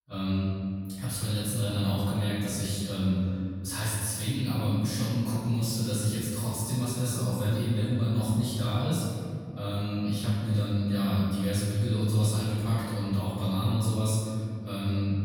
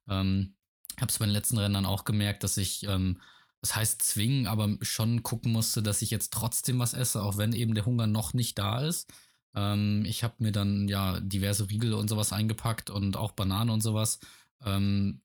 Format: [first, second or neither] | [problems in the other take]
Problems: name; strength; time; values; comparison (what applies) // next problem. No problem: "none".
second | room echo; strong; dies away in 2.7 s // off-mic speech; far